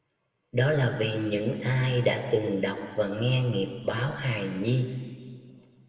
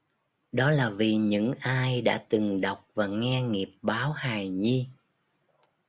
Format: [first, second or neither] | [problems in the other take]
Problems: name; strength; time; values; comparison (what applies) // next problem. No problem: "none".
second | room echo; dies away in 2.1 s